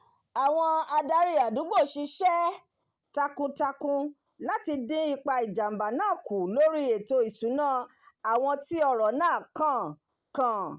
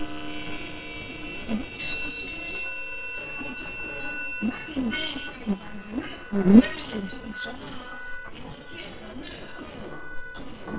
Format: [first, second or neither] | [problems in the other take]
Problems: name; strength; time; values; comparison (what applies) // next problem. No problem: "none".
first | noise reduction (neural separator model SepFormer WHAMR!)